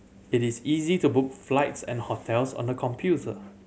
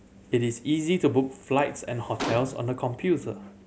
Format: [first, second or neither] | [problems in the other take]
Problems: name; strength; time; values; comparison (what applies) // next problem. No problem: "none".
first | background sound (Gunshot, gunfire); 9 dB below the speech